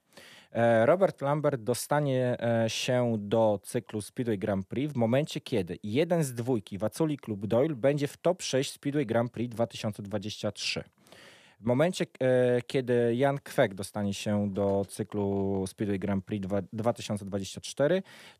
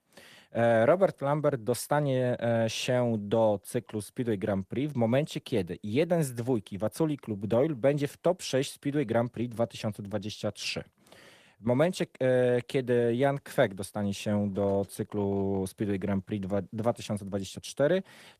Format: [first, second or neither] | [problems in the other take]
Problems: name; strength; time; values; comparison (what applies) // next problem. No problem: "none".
first | garbled, watery; slightly; nothing above 14.5 kHz